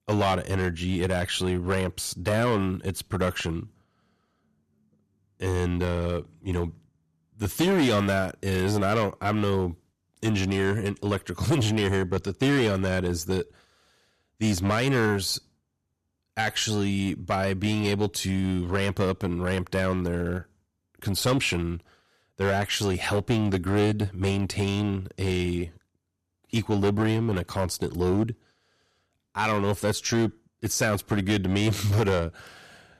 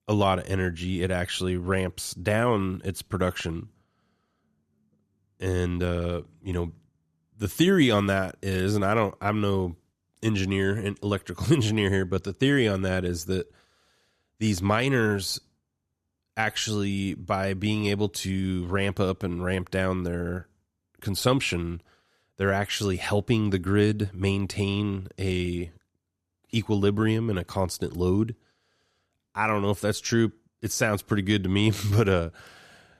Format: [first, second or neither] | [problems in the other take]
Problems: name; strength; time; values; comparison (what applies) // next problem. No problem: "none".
second | distortion; slight; 6% of the sound clipped